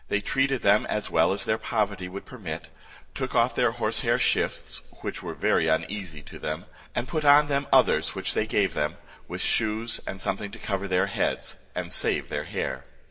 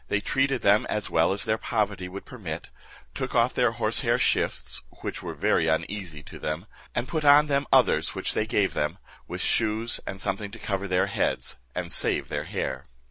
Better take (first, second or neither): second